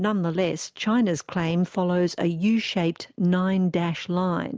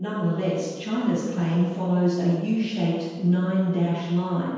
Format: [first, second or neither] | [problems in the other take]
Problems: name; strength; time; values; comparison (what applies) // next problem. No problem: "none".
first | room echo; dies away in 1.2 s